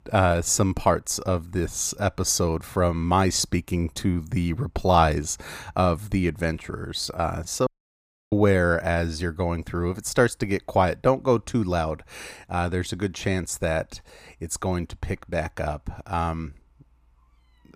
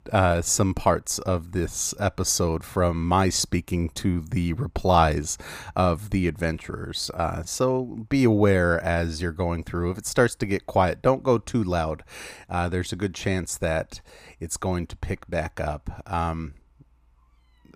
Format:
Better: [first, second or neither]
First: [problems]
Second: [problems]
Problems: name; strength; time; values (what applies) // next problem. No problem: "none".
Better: second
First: audio cutting out; at 7.5 s for 0.5 s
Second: none